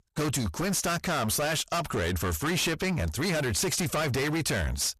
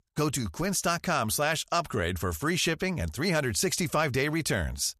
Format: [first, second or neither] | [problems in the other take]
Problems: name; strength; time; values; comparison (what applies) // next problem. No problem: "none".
second | distortion; heavy; 30% of the sound clipped